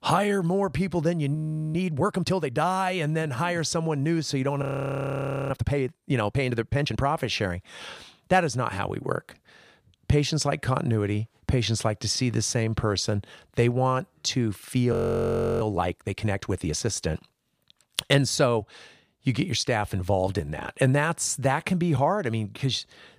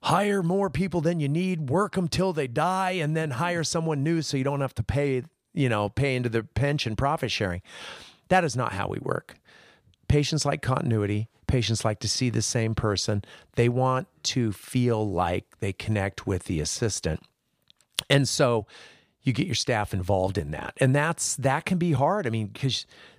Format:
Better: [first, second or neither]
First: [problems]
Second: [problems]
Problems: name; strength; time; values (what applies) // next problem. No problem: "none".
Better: second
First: audio freezing; at 1.5 s, at 4.5 s for 1 s and at 15 s for 0.5 s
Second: none